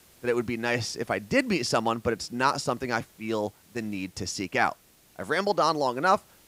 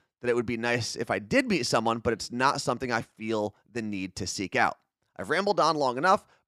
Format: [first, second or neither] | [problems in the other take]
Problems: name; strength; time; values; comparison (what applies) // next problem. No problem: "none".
second | hiss; faint; throughout; 30 dB below the speech